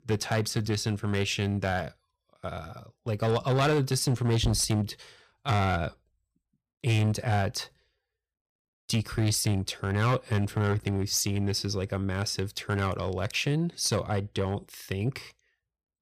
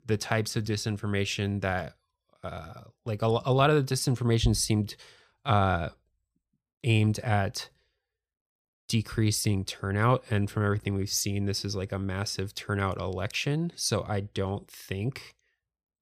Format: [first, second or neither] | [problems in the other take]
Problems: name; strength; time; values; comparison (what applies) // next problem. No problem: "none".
second | distortion; slight; 6% of the sound clipped